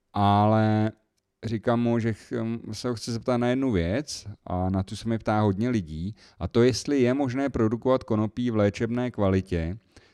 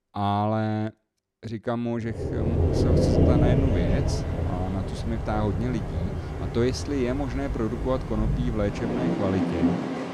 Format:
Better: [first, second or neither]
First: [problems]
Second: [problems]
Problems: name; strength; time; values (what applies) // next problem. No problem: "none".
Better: first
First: none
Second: rain or running water; very loud; from 2.5 s on; 3 dB above the speech